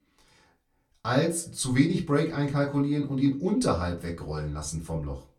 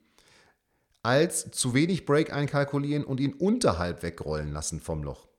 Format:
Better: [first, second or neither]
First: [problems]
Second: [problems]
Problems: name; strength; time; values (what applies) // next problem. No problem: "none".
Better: second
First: off-mic speech; far // room echo; very slight; dies away in 0.2 s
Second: none